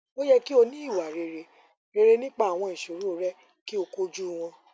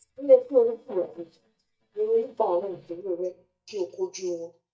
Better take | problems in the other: first | noise reduction (neural mask model DeepFilterNet 3)

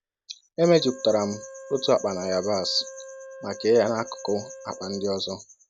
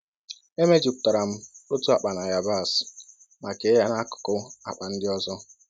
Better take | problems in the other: second | background sound (Wind instrument, woodwind instrument); 17 dB below the speech

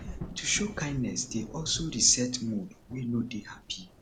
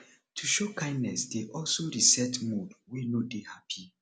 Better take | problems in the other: second | background sound (Thunder / Rain); 13 dB below the speech

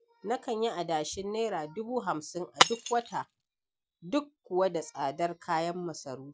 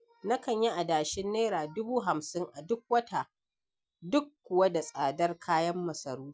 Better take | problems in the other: second | background sound (Shatter); 1 dB below the speech

